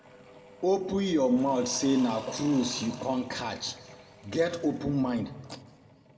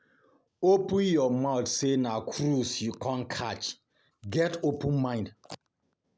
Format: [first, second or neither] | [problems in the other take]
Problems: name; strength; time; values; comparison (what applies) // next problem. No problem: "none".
second | background sound (Engine / Drill / Mechanisms); 18 dB below the speech // room echo; dies away in 1 s